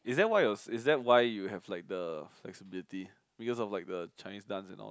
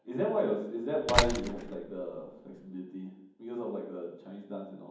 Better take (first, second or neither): first